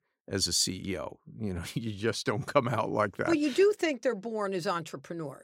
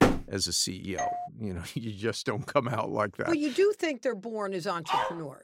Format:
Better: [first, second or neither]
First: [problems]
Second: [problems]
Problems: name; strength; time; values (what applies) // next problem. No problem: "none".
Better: first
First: none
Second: door banging; loud; at the start; peak 5 dB above the speech // doorbell; noticeable; at 1 s; peak 3 dB below the speech // dog barking; loud; at 5 s; peak 1 dB above the speech